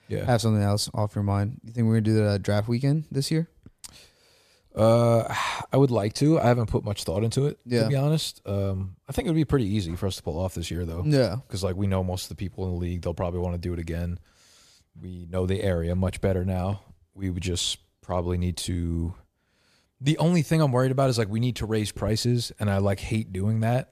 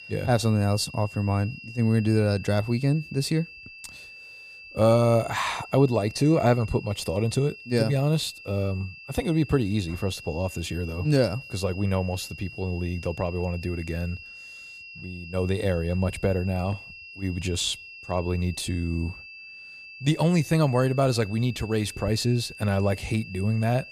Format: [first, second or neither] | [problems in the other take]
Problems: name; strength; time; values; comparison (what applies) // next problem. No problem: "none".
first | high-pitched whine; noticeable; throughout; 2.5 kHz, 15 dB below the speech